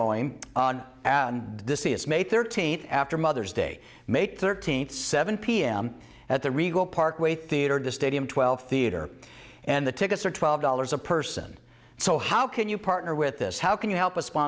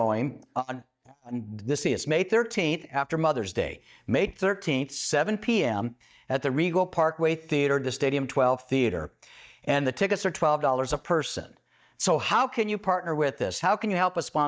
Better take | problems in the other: first | noise reduction (neural mask model DeepFilterNet 3)

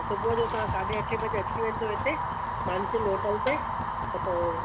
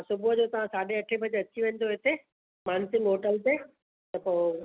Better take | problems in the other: second | background sound (Fire); 1 dB above the speech

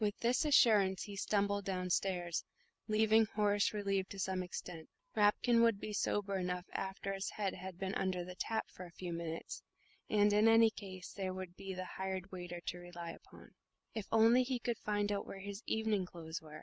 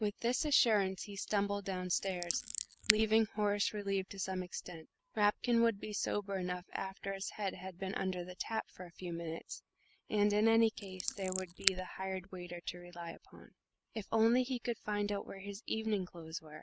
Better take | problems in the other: first | noise reduction (neural mask model Resemble Enhance denoiser)

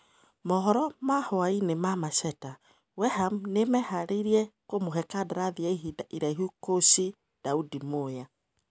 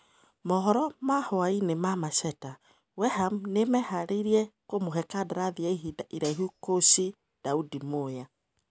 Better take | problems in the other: first | background sound (Hi-hat); 16 dB below the speech

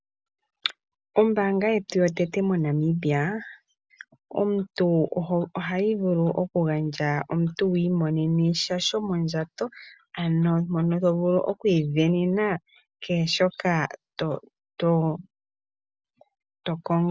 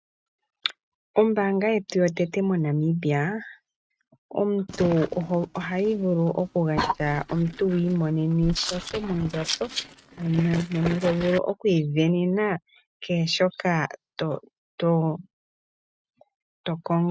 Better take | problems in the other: first | noise reduction (neural mask model RNNoise)

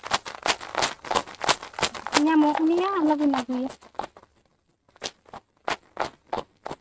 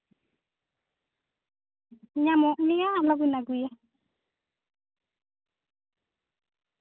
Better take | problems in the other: second | noise reduction (neural mask model RNNoise)

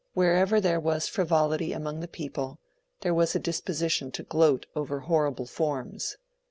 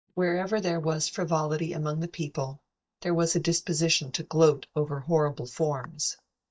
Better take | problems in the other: first | noise reduction (neural mask model DeepFilterNet 3)

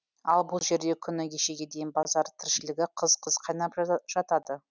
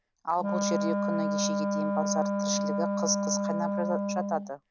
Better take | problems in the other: first | background sound (Wind instrument, woodwind instrument); 4 dB above the speech

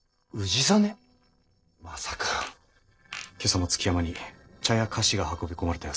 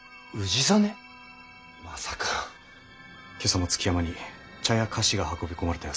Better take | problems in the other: second | noise reduction (neural separator model SepFormer DNS4)

